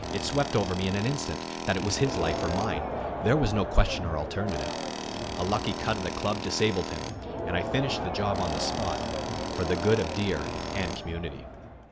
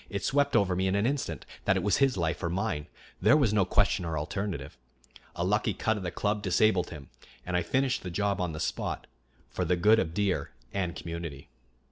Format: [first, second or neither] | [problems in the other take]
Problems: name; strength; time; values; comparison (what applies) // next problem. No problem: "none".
second | background sound (Tools + Crowd); 3 dB below the speech